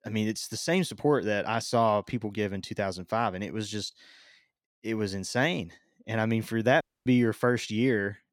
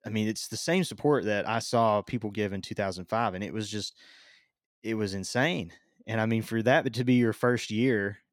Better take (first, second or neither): second